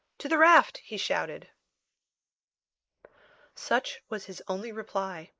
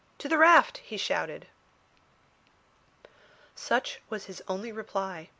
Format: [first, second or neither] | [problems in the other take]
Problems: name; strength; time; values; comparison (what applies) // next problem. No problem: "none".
second | noise reduction (neural mask model Resemble Enhance denoiser)